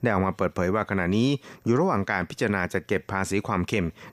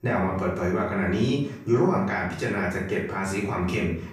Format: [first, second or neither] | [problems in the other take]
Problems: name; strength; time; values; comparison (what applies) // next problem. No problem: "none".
first | off-mic speech; far // room echo; noticeable; dies away in 0.5 s